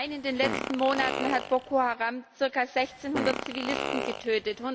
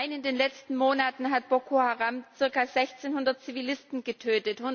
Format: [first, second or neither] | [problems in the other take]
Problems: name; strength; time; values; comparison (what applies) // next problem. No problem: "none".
second | background sound (Fart); 6 dB below the speech